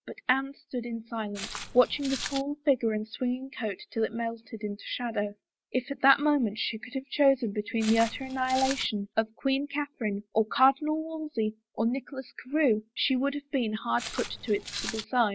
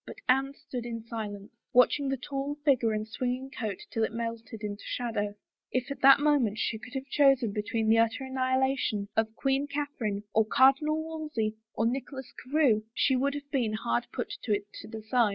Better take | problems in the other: second | background sound (Walk, footsteps); 9 dB below the speech

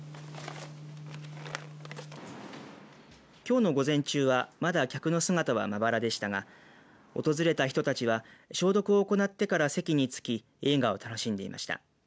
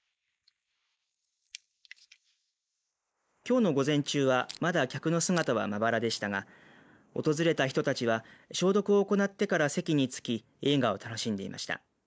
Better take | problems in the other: first | noise reduction (neural mask model Resemble Enhance denoiser)

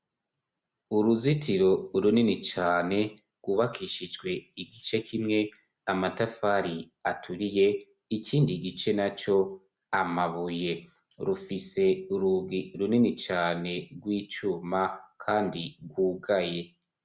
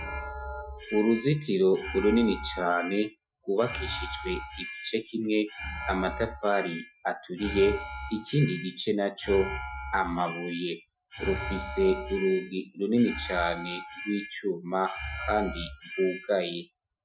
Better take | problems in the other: first | noise reduction (classical method Wiener filter)

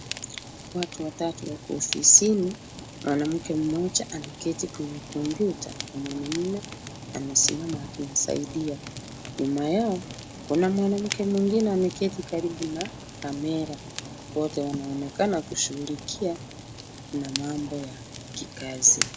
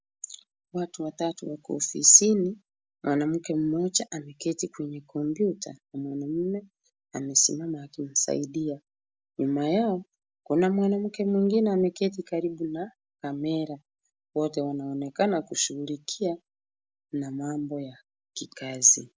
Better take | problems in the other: second | background sound (Fire); 11 dB below the speech

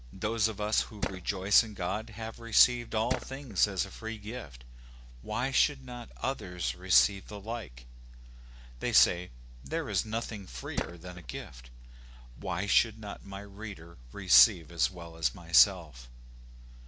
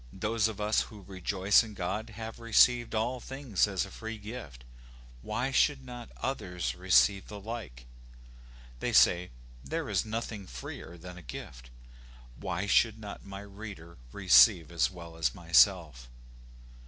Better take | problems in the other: second | background sound (Tools); 4 dB below the speech

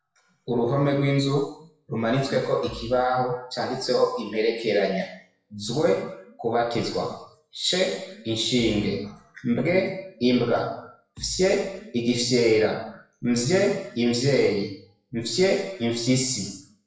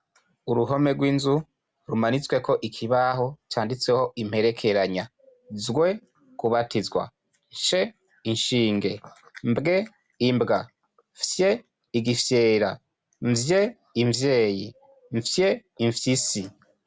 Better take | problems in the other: second | noise reduction (classical method WPE with log-MMSE)

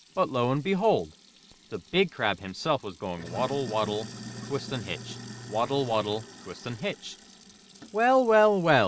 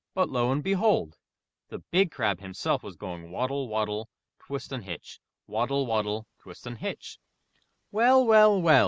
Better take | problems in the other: second | background sound (Sink (filling or washing)); 16 dB below the speech

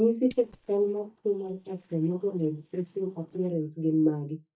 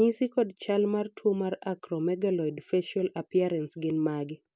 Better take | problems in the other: second | noise reduction (neural mask model DeepFilterNet 3)

